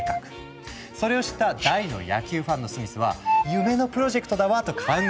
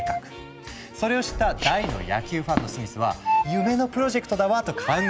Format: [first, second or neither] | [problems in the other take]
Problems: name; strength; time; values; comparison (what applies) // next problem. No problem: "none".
first | background sound (Fireworks); 10 dB below the speech